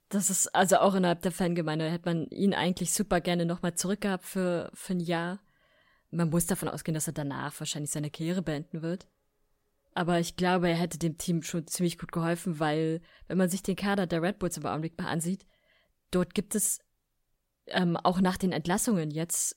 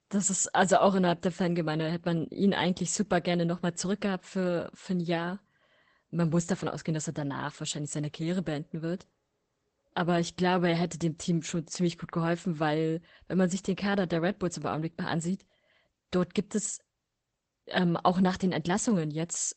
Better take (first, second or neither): first